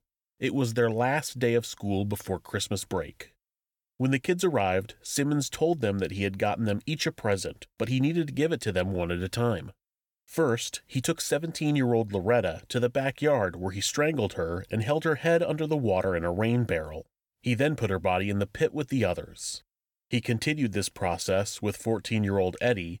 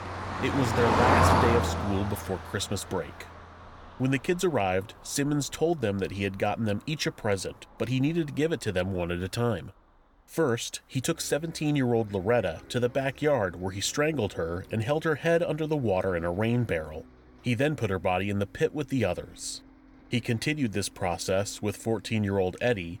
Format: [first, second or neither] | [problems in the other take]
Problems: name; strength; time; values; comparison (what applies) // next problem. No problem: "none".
first | traffic noise; very loud; throughout; 1 dB above the speech